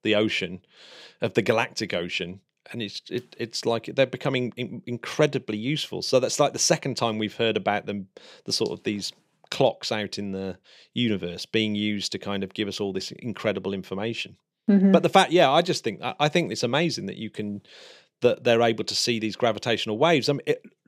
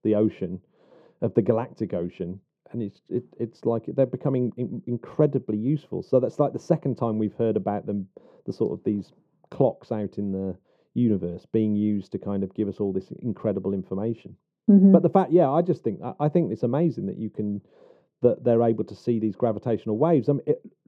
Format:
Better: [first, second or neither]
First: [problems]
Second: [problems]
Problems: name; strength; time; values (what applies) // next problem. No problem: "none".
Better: first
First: none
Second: muffled; very; fading above 1 kHz